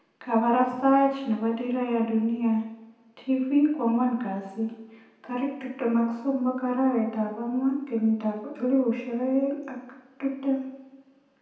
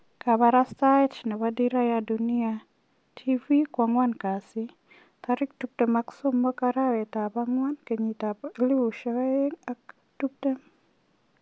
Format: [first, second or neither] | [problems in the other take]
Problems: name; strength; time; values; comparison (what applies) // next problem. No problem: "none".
second | room echo; dies away in 0.8 s